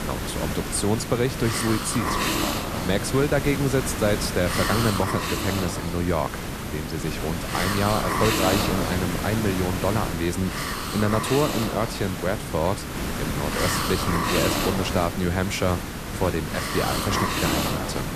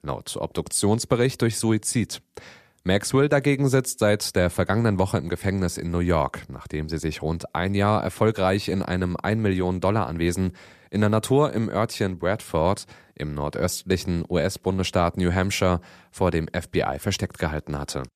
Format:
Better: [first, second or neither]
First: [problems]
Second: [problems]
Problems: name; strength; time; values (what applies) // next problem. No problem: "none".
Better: second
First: hiss; loud; throughout; 1 dB below the speech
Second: none